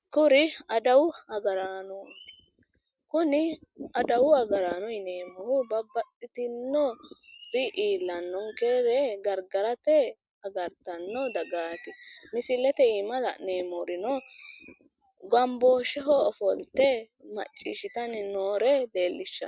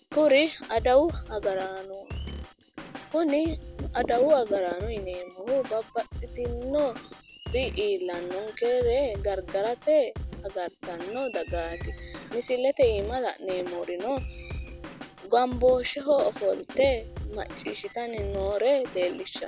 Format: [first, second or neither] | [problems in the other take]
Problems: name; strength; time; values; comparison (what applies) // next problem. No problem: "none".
first | background sound (Drum kit); 12 dB below the speech